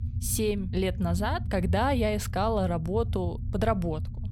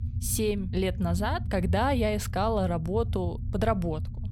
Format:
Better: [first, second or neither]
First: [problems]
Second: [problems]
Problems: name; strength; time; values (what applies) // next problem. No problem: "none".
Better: neither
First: low rumble; noticeable; throughout; 20 dB below the speech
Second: low rumble; noticeable; throughout; 20 dB below the speech